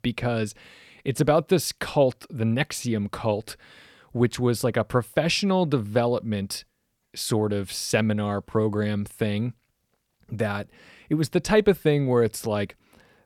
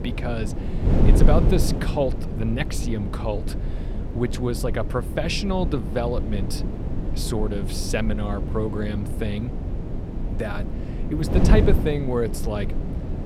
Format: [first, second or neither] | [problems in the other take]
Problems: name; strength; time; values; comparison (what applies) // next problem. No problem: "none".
first | wind noise on the microphone; heavy; 6 dB below the speech